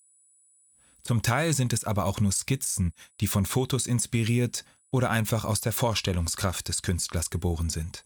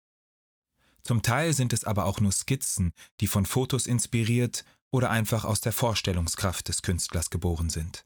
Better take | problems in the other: second | high-pitched whine; faint; throughout; 9.5 kHz, 35 dB below the speech

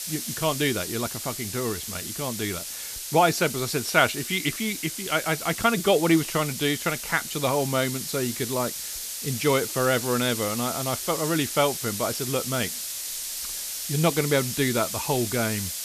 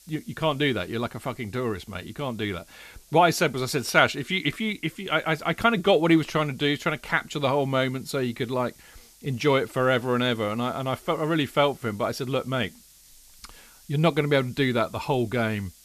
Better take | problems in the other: second | hiss; loud; throughout; 5 dB below the speech; faint in the second

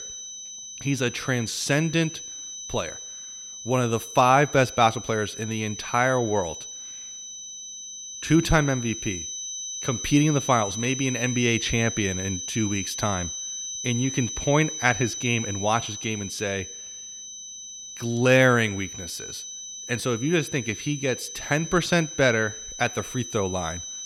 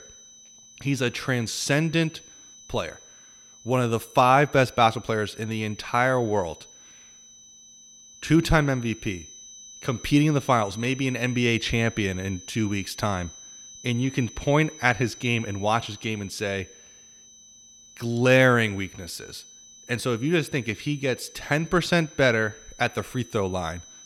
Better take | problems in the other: second | high-pitched whine; loud; throughout; 6 kHz, 9 dB below the speech; faint in the second

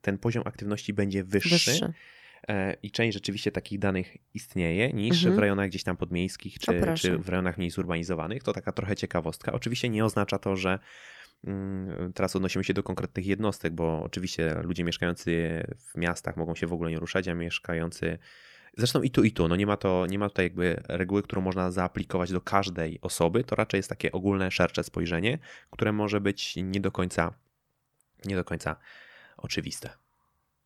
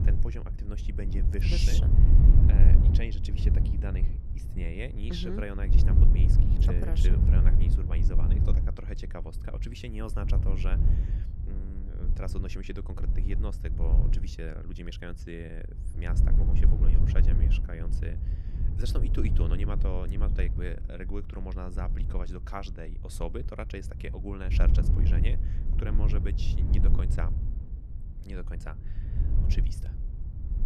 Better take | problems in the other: first | wind noise on the microphone; heavy; 2 dB below the speech

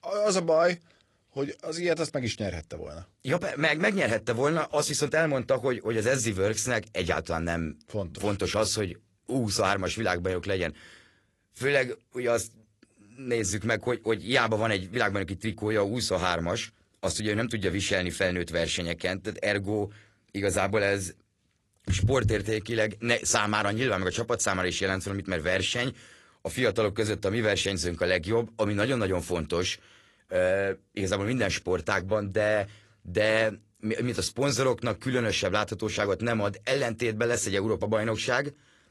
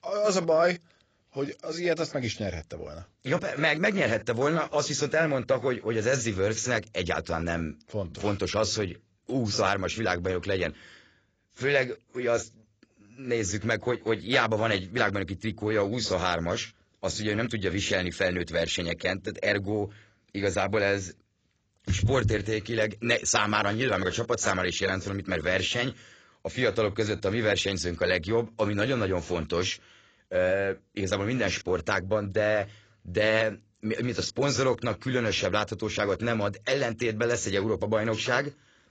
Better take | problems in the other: first | garbled, watery; badly; nothing above 7.5 kHz; slightly in the first

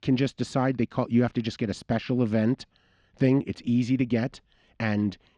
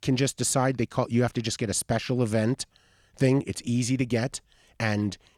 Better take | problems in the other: second | muffled; slightly; fading above 4 kHz

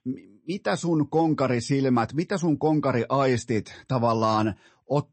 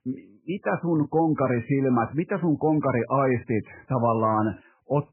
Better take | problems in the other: first | garbled, watery; badly; nothing above 2.5 kHz; slightly in the first

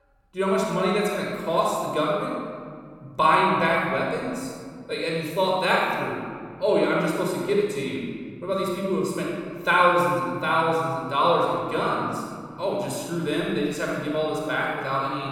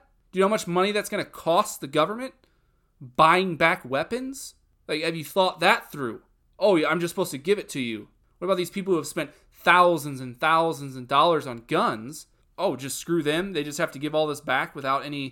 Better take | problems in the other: second | off-mic speech; somewhat distant // room echo; strong; dies away in 2.1 s

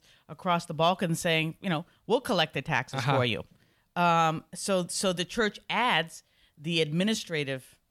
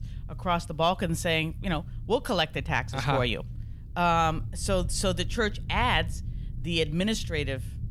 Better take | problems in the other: first | low rumble; faint; throughout; 25 dB below the speech

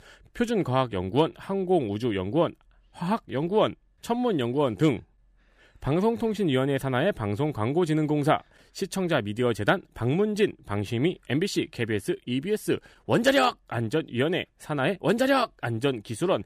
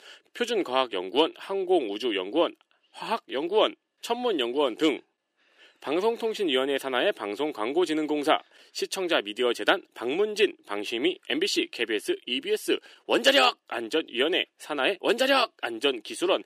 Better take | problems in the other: first | thin; somewhat; fading below 350 Hz

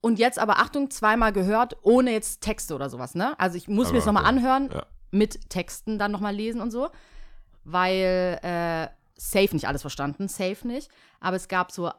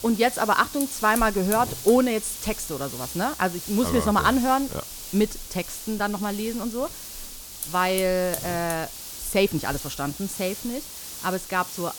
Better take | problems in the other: first | hiss; loud; throughout; 9 dB below the speech

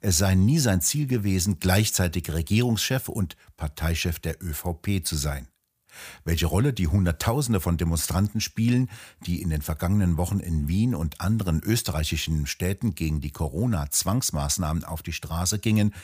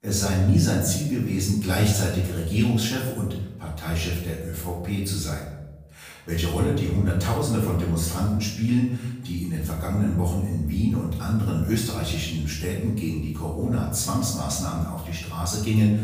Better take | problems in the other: first | off-mic speech; far // room echo; noticeable; dies away in 0.8 s

